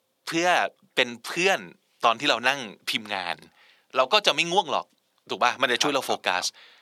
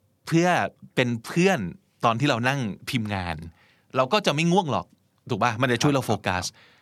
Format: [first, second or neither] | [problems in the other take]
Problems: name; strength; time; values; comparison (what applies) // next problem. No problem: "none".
second | thin; somewhat; fading below 450 Hz